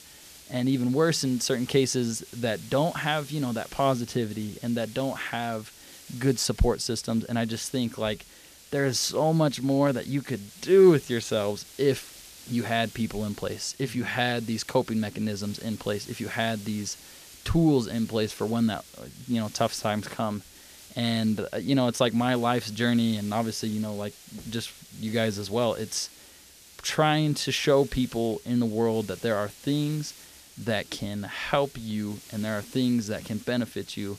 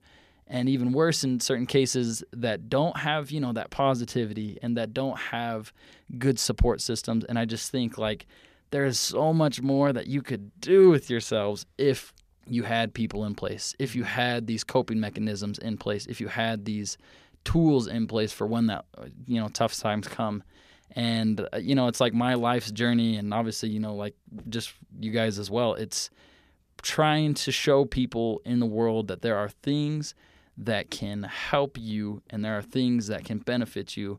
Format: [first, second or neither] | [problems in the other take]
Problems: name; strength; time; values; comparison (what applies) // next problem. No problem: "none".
second | hiss; noticeable; throughout; 20 dB below the speech